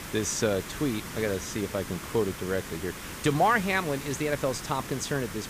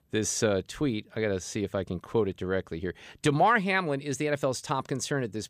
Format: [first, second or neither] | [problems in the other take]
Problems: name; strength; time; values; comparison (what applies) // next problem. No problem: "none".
second | hiss; loud; throughout; 9 dB below the speech